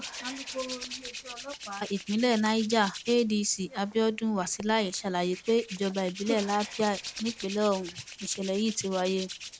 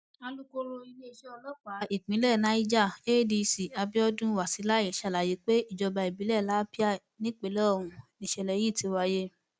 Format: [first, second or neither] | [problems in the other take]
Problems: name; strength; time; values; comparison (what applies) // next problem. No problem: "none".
second | background sound (Hands); 13 dB below the speech